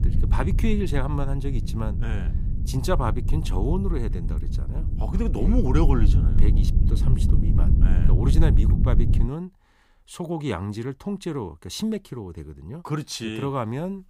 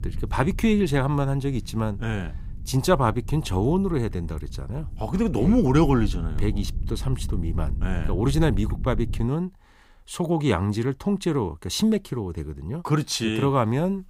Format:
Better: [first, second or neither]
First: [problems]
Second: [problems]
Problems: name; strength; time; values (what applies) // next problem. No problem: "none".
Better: second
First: low rumble; loud; until 9 s; 7 dB below the speech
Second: low rumble; faint; until 9 s; 20 dB below the speech